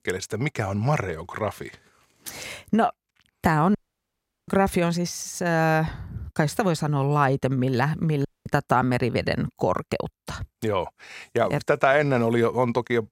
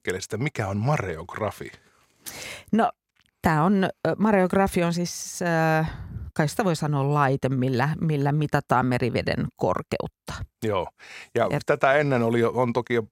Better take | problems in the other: second | audio cutting out; at 4 s for 0.5 s and at 8.5 s

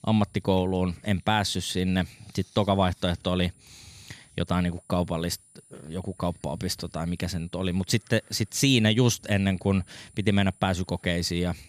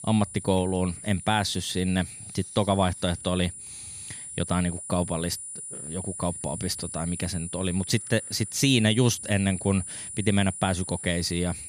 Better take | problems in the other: first | high-pitched whine; loud; throughout; 9.5 kHz, 9 dB below the speech; faint in the first

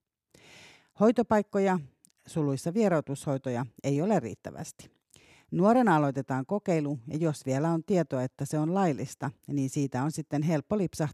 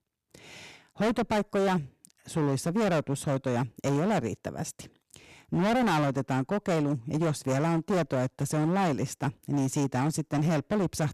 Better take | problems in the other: first | distortion; heavy; 23% of the sound clipped

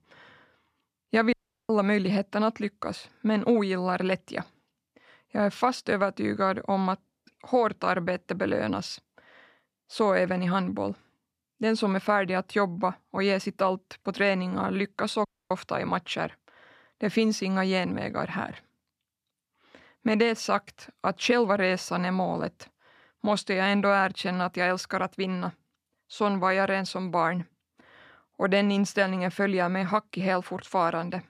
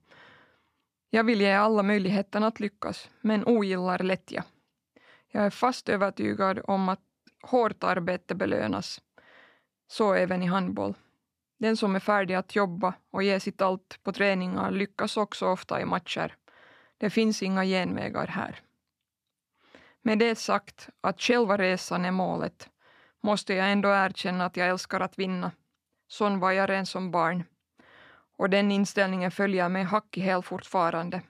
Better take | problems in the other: second | audio cutting out; at 1.5 s and at 15 s

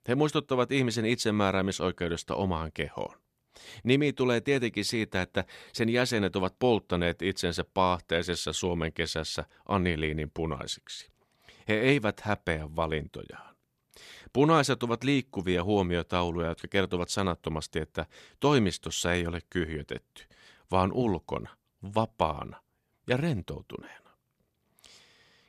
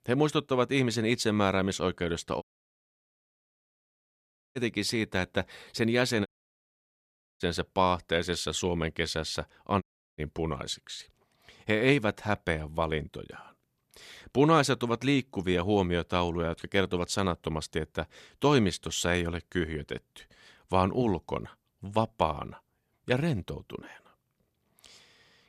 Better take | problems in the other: first | audio cutting out; at 2.5 s for 2 s, at 6.5 s for 1 s and at 10 s

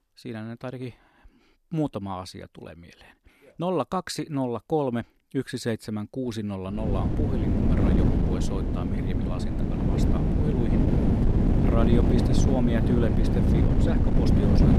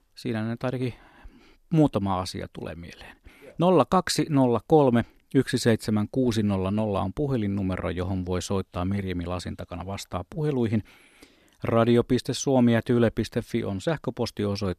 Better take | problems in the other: second | wind noise on the microphone; heavy; from 7 s on; 2 dB above the speech

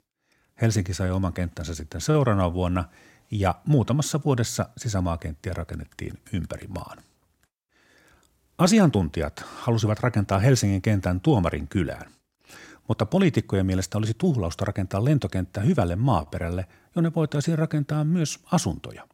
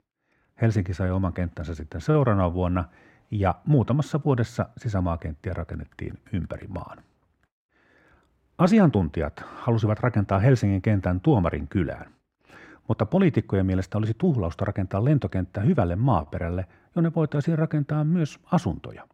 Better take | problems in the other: first | muffled; slightly; fading above 3.5 kHz

